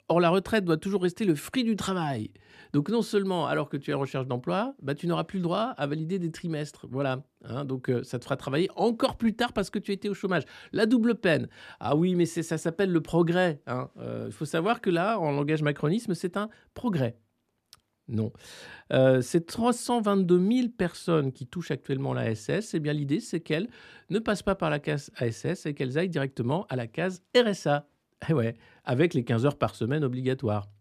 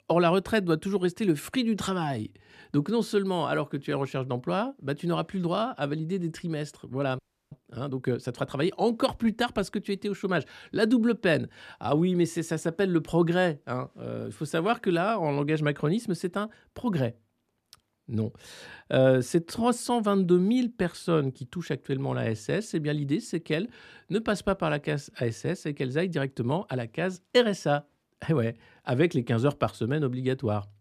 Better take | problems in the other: first | audio freezing; at 7 s

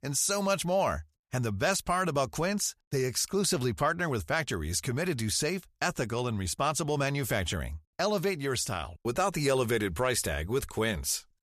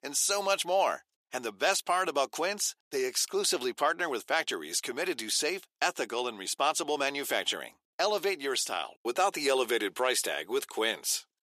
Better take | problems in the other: first | thin; somewhat; fading below 300 Hz

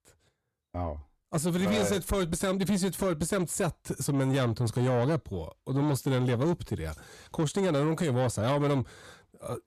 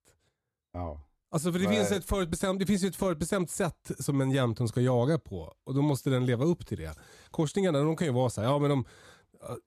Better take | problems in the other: second | distortion; slight; 10 dB below the speech

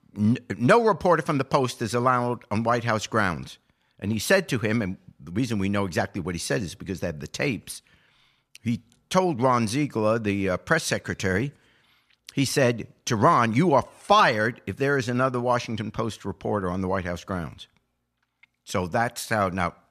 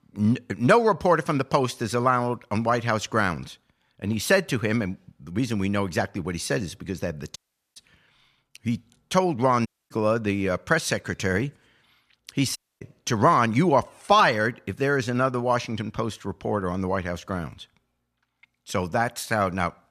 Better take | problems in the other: first | audio cutting out; at 7.5 s, at 9.5 s and at 13 s

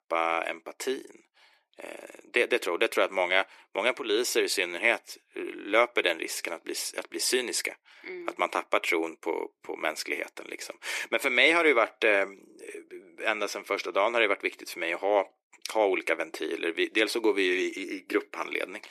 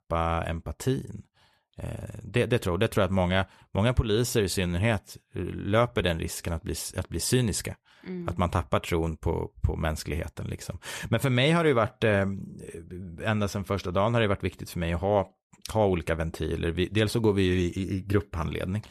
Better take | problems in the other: second | thin; very; fading below 300 Hz

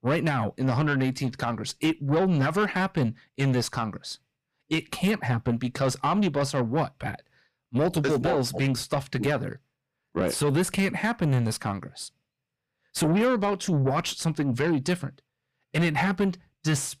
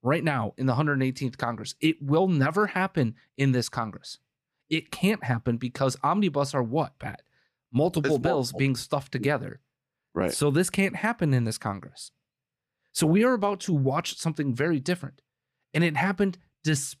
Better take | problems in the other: second | distortion; slight; 10 dB below the speech

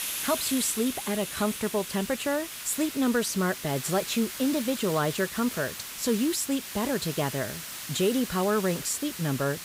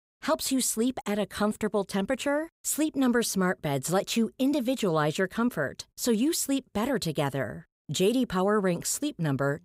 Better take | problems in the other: second | hiss; loud; throughout; 7 dB below the speech

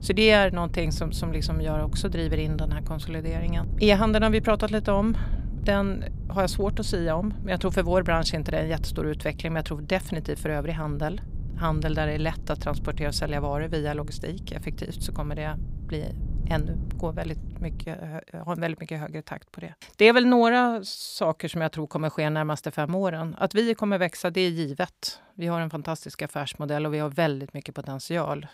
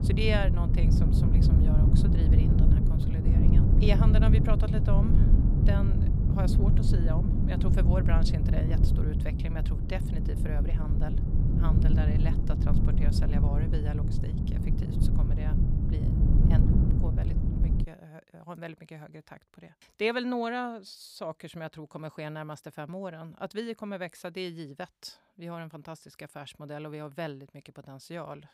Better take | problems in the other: first | low rumble; loud; until 18 s; as loud as the speech; faint in the first

